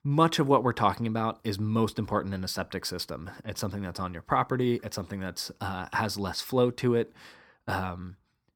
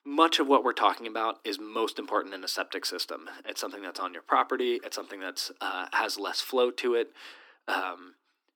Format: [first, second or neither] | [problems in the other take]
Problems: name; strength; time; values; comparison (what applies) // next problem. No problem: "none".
first | thin; somewhat; fading below 250 Hz